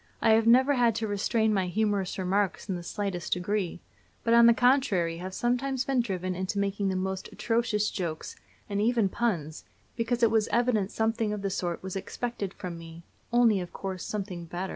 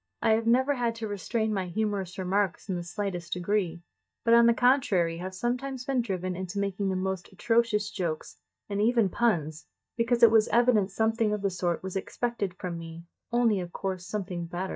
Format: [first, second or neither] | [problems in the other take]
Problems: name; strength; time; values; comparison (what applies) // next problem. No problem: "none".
first | noise reduction (neural mask model DeepFilterNet 3)